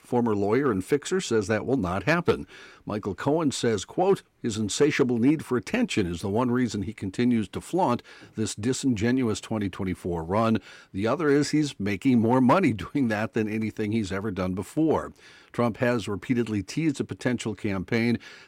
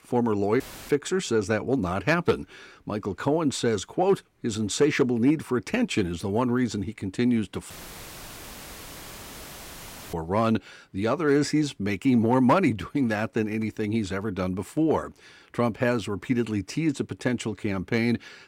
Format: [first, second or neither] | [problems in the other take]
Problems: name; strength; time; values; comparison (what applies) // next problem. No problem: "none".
first | audio cutting out; filled with static; at 0.5 s and at 7.5 s for 2.5 s